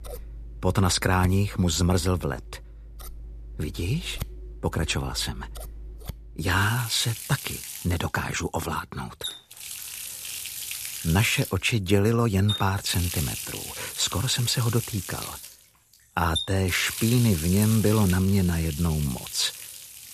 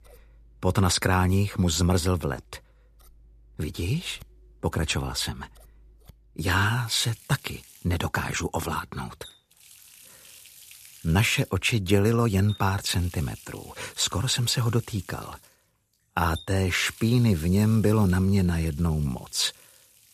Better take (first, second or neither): second